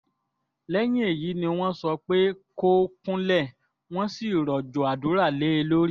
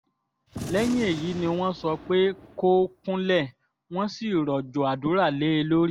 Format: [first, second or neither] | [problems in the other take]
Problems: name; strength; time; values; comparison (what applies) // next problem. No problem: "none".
first | background sound (Gunshot, gunfire); 14 dB below the speech